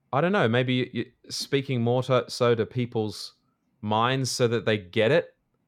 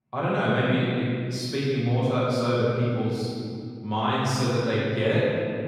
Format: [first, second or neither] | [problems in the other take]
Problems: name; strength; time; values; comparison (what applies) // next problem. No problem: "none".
first | room echo; strong; dies away in 2.4 s // off-mic speech; far